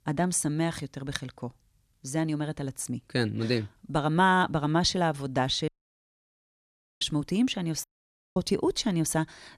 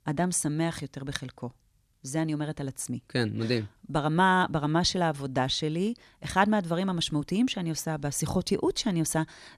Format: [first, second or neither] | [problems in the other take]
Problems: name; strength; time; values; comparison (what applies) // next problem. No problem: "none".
second | audio cutting out; at 5.5 s for 1.5 s and at 8 s for 0.5 s